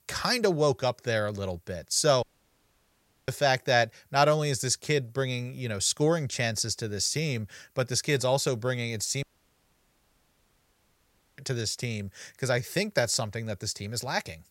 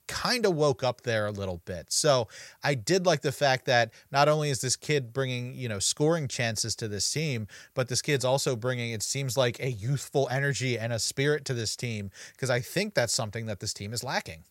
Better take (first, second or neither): second